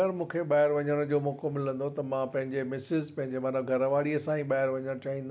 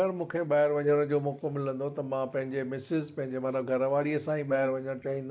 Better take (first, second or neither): first